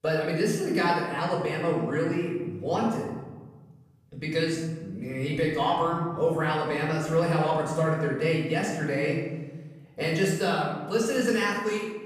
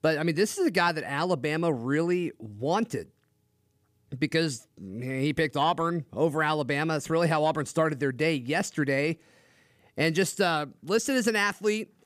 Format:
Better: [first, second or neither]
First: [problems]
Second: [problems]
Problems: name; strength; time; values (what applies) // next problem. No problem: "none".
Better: second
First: off-mic speech; far // room echo; noticeable; dies away in 1.3 s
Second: none